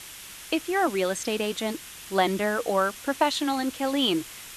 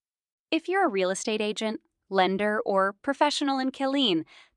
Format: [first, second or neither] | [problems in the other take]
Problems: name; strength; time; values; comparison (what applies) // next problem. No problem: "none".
second | hiss; noticeable; throughout; 15 dB below the speech